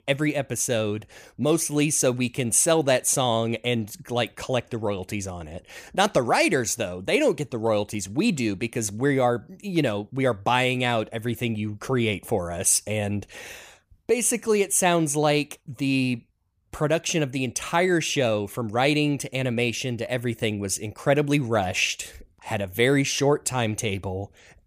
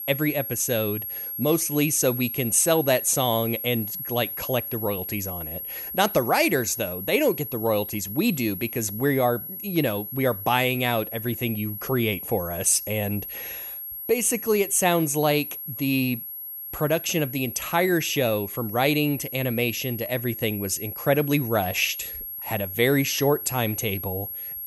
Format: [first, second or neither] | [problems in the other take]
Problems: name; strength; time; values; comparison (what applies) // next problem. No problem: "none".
first | high-pitched whine; loud; throughout; 11.5 kHz, 7 dB below the speech